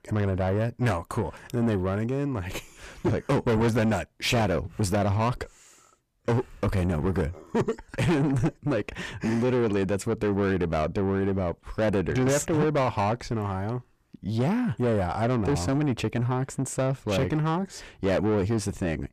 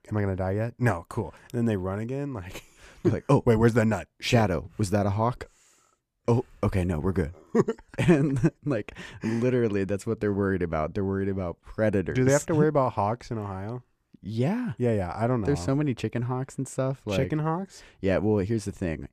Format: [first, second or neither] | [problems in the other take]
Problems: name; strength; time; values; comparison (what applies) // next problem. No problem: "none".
second | distortion; heavy; 8 dB below the speech